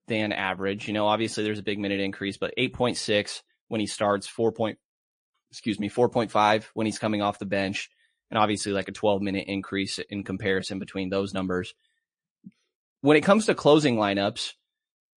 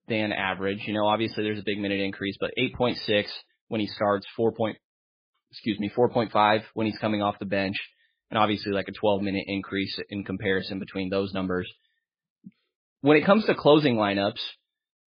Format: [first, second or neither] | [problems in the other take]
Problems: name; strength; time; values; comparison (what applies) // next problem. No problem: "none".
first | garbled, watery; badly; nothing above 4.5 kHz; slightly in the first